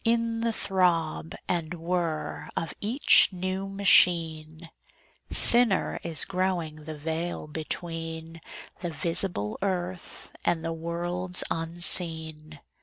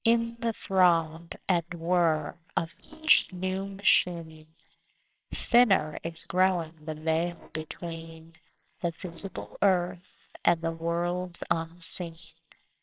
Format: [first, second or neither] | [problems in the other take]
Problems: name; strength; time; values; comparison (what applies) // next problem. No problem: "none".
first | noise reduction (neural separator model SepFormer WHAMR!)